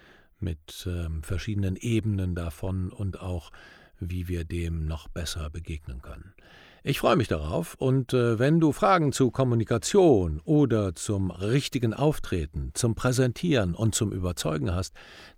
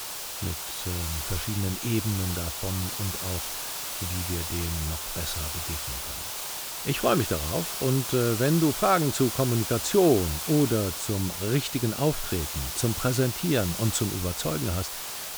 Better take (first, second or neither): first